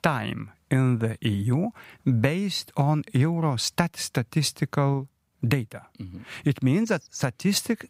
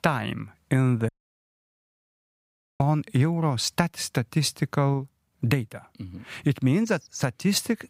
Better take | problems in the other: first | audio cutting out; at 1 s for 1.5 s

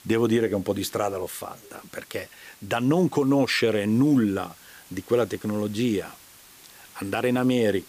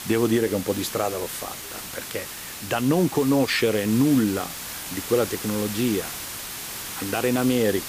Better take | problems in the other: first | hiss; loud; throughout; 9 dB below the speech; faint in the first

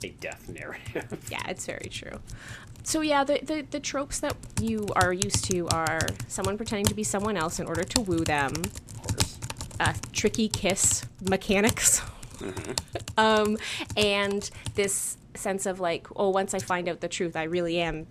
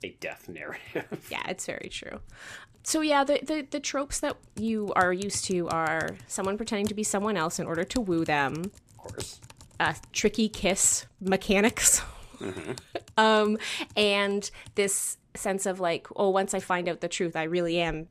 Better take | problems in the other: second | household noises; loud; throughout; 7 dB below the speech; faint in the second

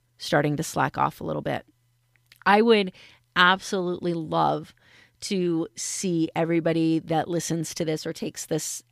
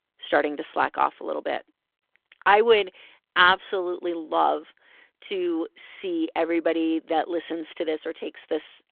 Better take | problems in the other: first | phone-call audio

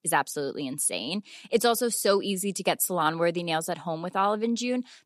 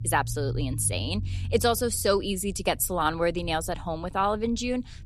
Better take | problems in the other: first | low rumble; faint; throughout; 25 dB below the speech

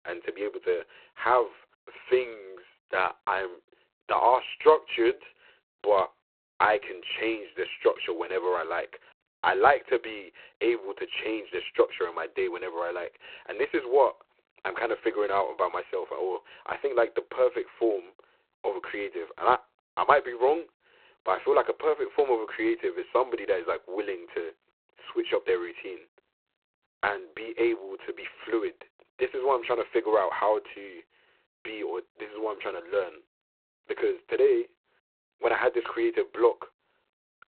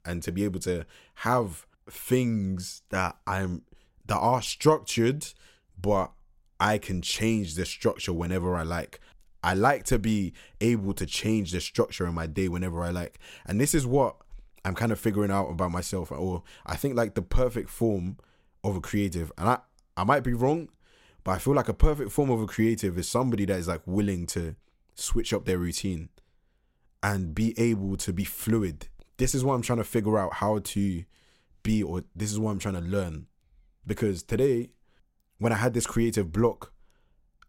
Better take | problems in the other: second | phone-call audio; poor line; nothing above 4 kHz

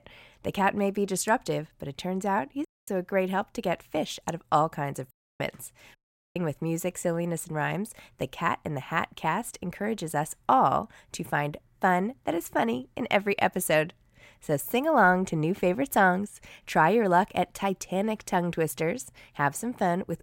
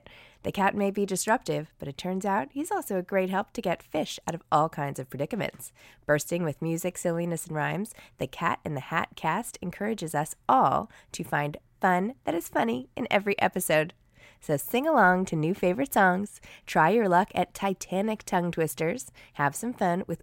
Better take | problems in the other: second | audio cutting out; at 2.5 s, at 5 s and at 6 s

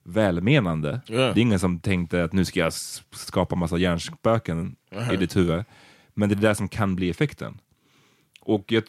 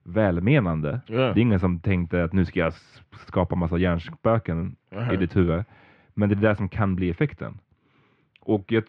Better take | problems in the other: first | muffled; very; fading above 2.5 kHz

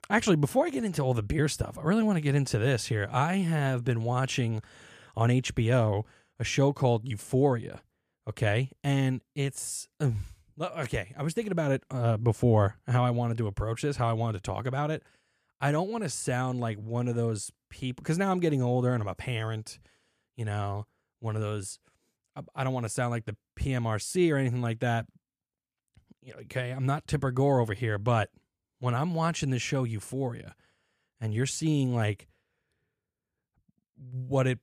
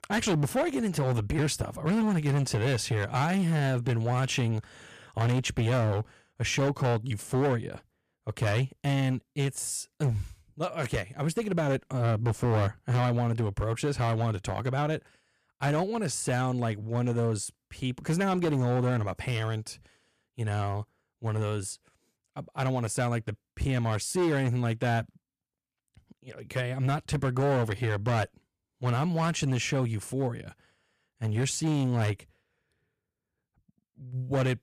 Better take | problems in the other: first | distortion; slight; 10% of the sound clipped

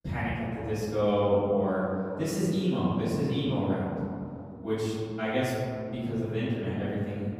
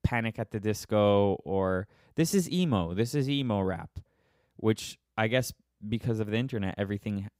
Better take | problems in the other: second | room echo; strong; dies away in 2.6 s // off-mic speech; far

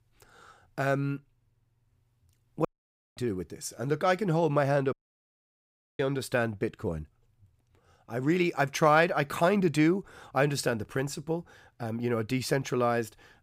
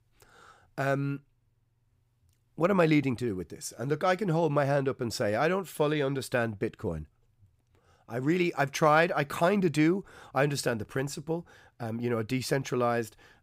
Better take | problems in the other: second | audio cutting out; at 2.5 s for 0.5 s and at 5 s for 1 s

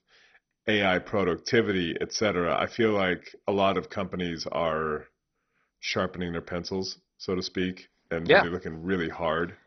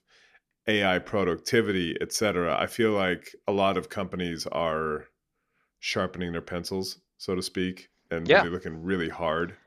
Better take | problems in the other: second | garbled, watery; badly; nothing above 6 kHz

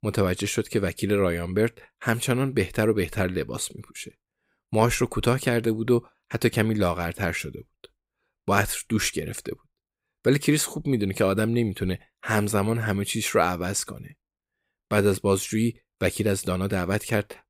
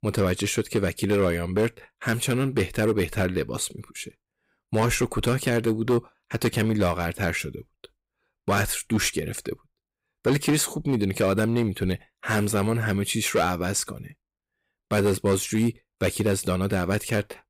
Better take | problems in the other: first | distortion; slight; 5% of the sound clipped

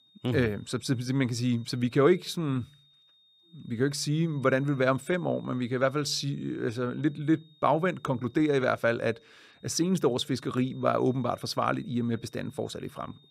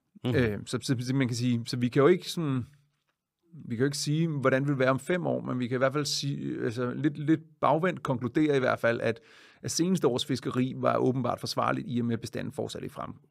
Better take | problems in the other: second | high-pitched whine; faint; throughout; 3.5 kHz, 30 dB below the speech

